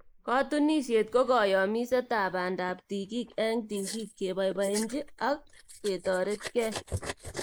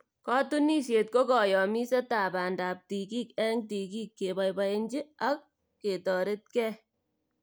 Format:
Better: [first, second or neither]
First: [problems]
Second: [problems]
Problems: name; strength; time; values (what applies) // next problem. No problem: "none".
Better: second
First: noise reduction (neural mask model Resemble Enhance denoiser)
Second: none